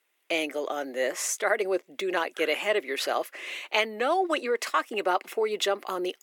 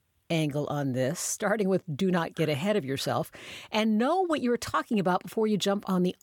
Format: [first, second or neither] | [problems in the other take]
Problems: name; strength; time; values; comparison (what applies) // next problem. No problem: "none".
second | thin; very; fading below 350 Hz